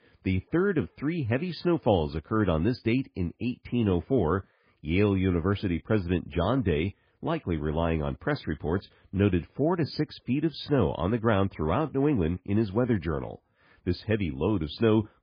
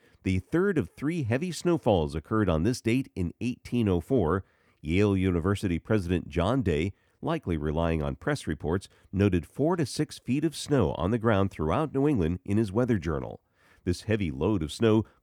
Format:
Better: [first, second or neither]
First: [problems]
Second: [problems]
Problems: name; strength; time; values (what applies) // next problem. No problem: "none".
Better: second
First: garbled, watery; badly; nothing above 5 kHz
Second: none